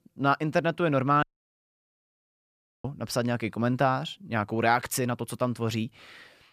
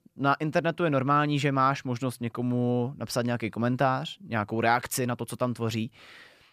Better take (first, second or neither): second